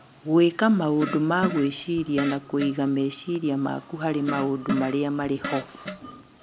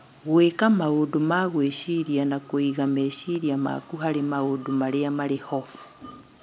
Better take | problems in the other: second | background sound (Fart); 10 dB below the speech

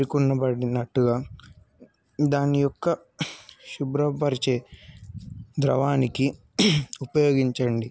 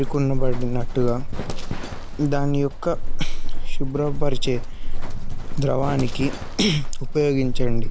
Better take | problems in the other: first | background sound (Livestock, farm animals, working animals); 4 dB above the speech

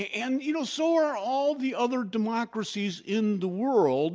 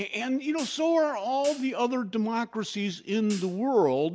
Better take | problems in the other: first | background sound (Hi-hat); 20 dB below the speech

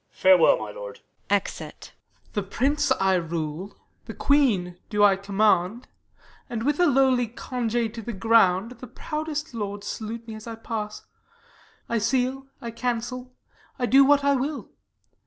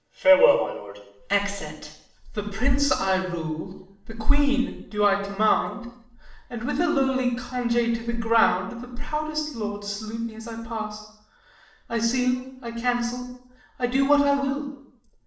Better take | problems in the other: first | room echo; dies away in 0.6 s

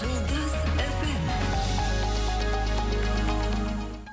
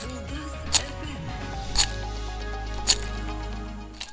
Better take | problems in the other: first | background sound (Rattle); 1 dB above the speech // room echo; dies away in 1.8 s

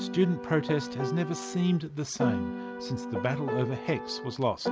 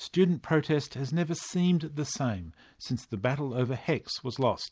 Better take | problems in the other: second | background sound (Piano); 5 dB below the speech

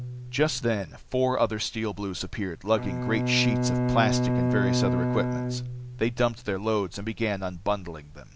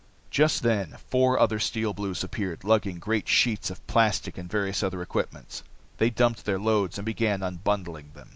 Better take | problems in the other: second | background sound (Bowed string instrument); 1 dB below the speech

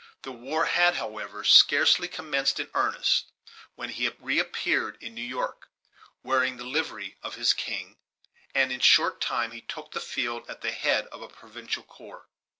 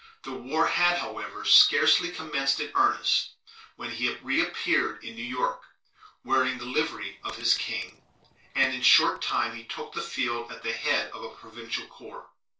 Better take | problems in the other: first | noise reduction (neural separator model SepFormer DNS4)

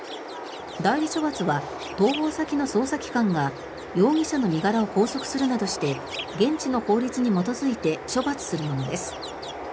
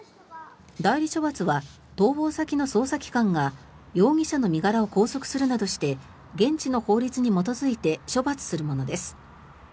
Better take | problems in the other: second | background sound (Chirp, tweet); 10 dB below the speech

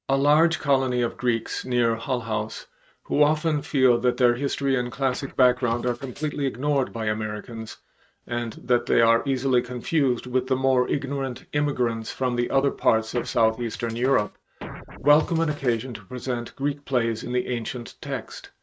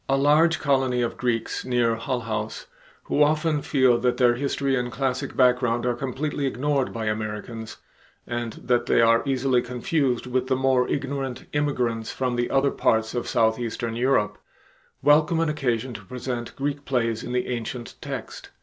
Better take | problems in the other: second | noise reduction (neural mask model RNNoise)

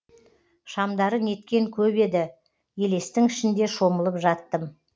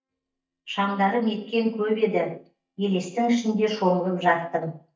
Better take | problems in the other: first | noise reduction (neural mask model DeepFilterNet 3)

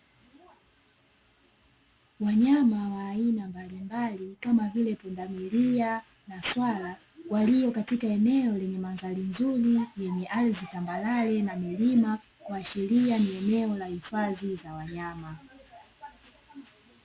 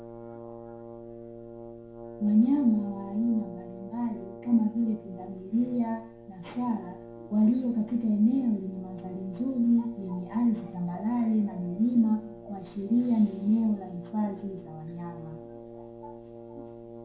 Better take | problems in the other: first | background sound (Brass instrument); 16 dB below the speech // room echo; dies away in 0.5 s

